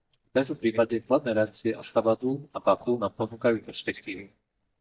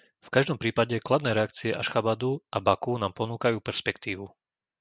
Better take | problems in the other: second | noise reduction (neural mask model DeepFilterNet 3)

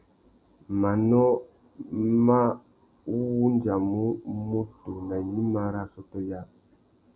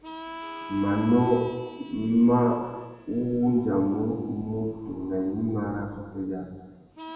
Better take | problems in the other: first | background sound (Harmonica); 18 dB below the speech // room echo; dies away in 1.1 s

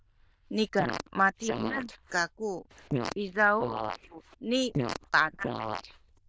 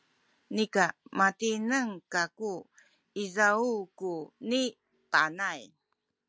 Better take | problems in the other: second | noise reduction (neural diffusion model UNIVERSE++)

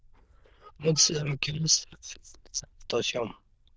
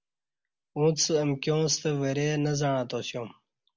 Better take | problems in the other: second | noise reduction (neural diffusion model UNIVERSE++)

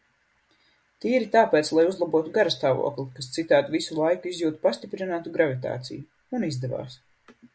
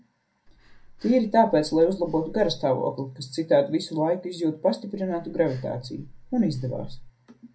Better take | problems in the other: first | background sound (Breathing); 18 dB below the speech // room echo; dies away in 0.2 s

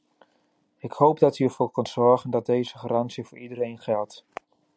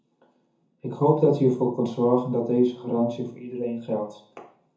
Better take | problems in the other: first | room echo; dies away in 0.6 s

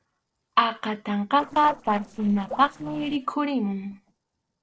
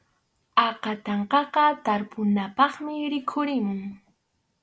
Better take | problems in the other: second | noise reduction (neural separator model SepFormer DNS4)

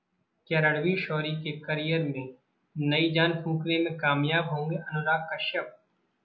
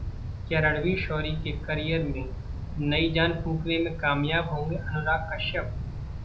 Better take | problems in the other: first | background sound (Wind); 5 dB below the speech

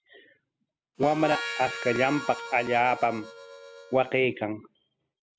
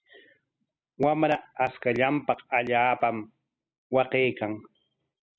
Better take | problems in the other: second | background sound (Harmonica); 10 dB below the speech

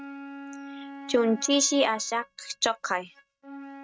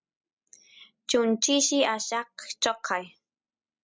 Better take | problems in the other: second | noise reduction (neural mask model RNNoise)

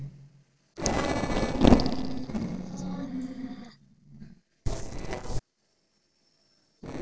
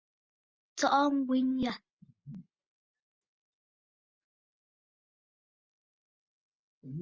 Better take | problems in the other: second | noise reduction (neural separator model SepFormer DNS4)

